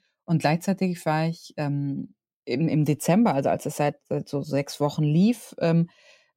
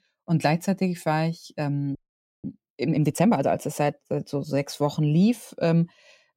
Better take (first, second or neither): first